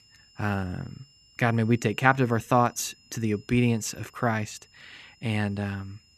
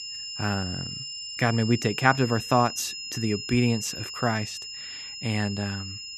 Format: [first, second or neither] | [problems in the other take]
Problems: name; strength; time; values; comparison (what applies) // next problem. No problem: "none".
first | high-pitched whine; loud; throughout; 5 kHz, 8 dB below the speech; faint in the first